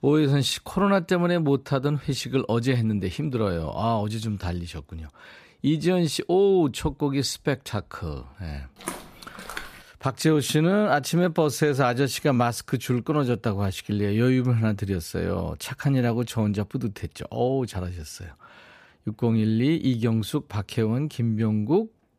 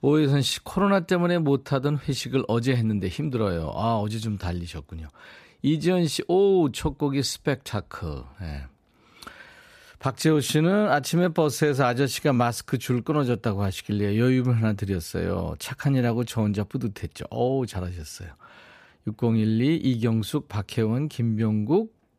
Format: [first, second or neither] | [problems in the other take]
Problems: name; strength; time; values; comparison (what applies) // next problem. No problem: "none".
second | footsteps; faint; at 9 s; peak 10 dB below the speech